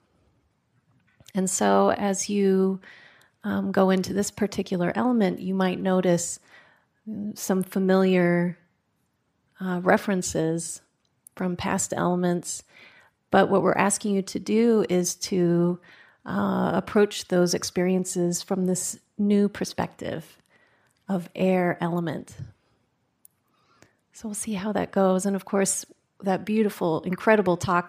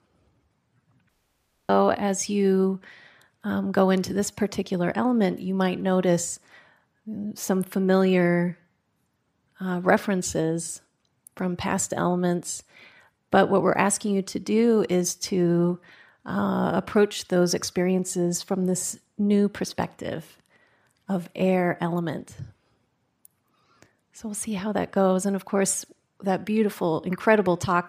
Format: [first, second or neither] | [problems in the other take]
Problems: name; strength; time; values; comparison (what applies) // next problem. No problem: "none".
first | audio cutting out; at 1 s for 0.5 s